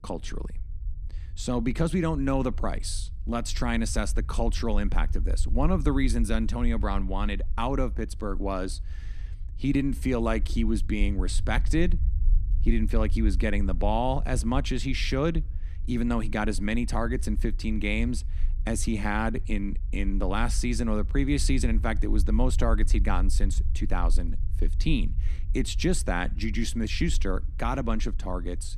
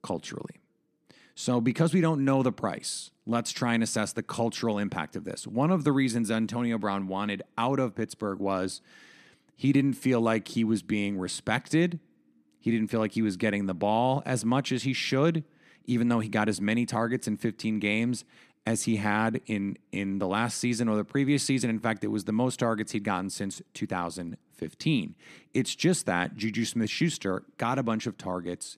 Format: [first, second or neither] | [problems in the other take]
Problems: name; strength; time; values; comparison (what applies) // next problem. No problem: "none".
second | low rumble; faint; throughout; 20 dB below the speech